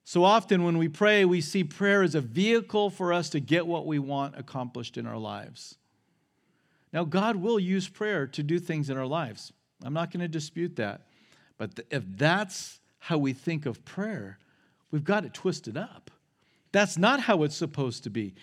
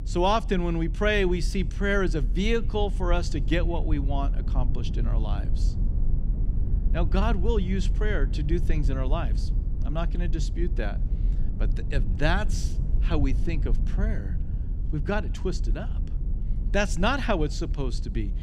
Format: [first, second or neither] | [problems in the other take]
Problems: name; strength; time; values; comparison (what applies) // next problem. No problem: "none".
first | low rumble; noticeable; throughout; 15 dB below the speech